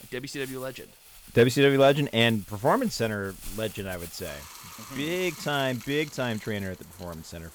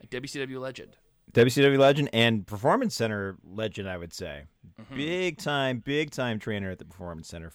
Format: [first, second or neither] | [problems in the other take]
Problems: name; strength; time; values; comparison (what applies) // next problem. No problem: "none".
second | household noises; noticeable; throughout; 20 dB below the speech